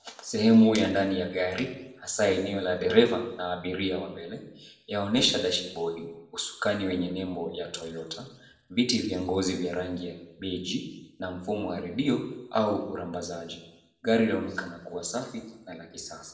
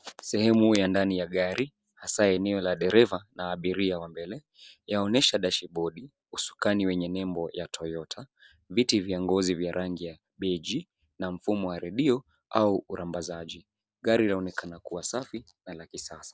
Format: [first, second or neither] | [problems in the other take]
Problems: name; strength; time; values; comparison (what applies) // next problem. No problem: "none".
second | room echo; dies away in 0.8 s